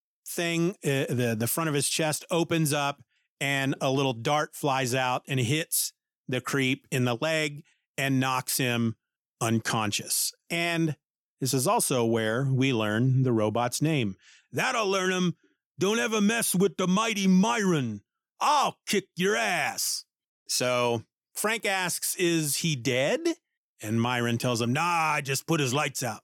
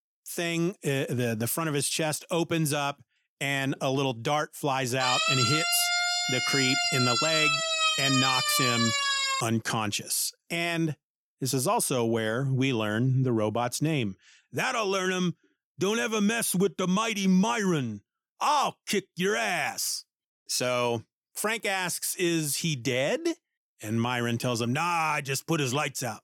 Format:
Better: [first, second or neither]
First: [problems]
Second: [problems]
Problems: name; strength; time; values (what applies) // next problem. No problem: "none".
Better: first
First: none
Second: siren; loud; from 5 to 9.5 s; peak 5 dB above the speech